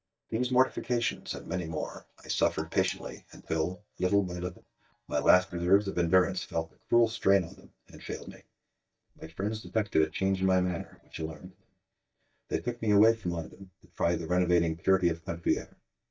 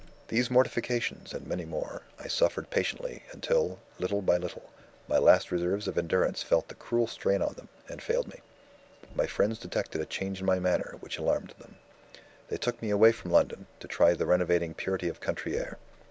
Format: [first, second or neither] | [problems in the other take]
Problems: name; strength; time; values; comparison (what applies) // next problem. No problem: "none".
second | noise reduction (neural mask model DeepFilterNet 3)